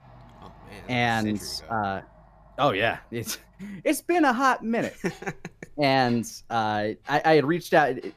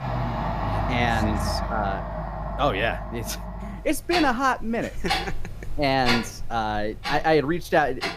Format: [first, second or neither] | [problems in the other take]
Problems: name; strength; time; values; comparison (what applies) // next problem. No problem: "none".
first | household noises; loud; throughout; 4 dB below the speech; faint in the first